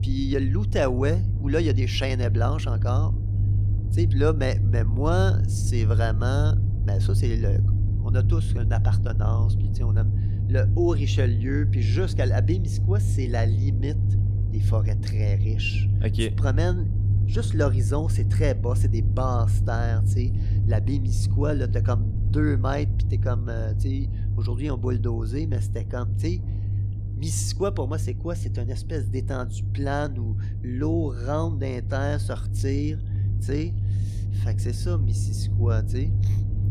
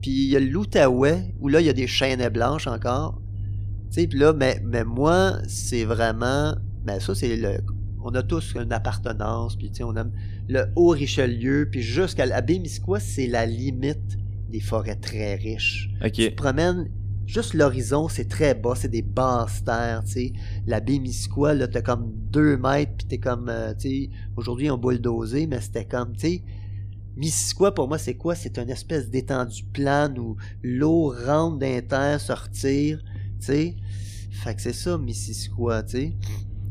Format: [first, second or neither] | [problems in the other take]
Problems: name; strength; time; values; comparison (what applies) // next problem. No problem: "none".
second | low rumble; loud; throughout; 7 dB below the speech; faint in the second